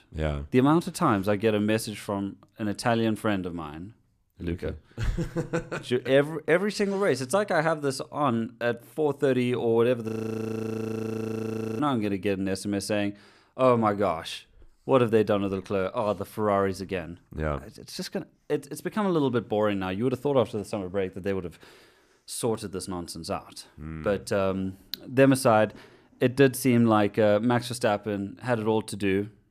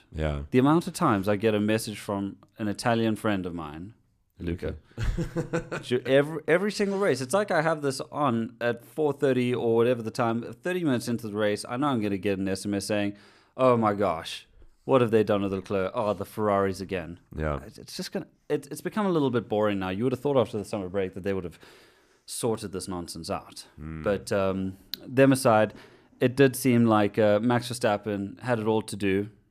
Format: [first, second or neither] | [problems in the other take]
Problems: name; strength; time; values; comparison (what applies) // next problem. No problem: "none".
second | audio freezing; at 10 s for 1.5 s